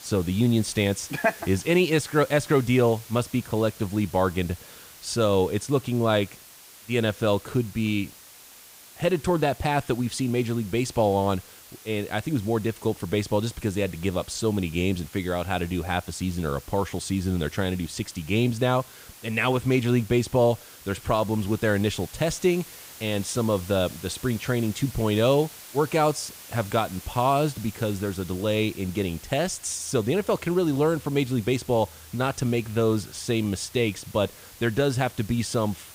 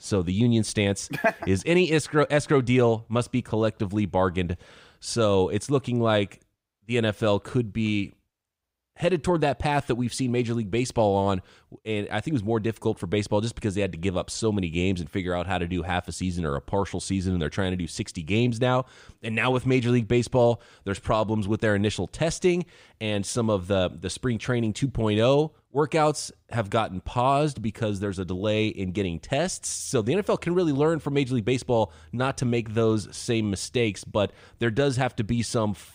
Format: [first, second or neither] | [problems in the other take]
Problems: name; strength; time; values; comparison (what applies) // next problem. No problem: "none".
second | hiss; noticeable; throughout; 20 dB below the speech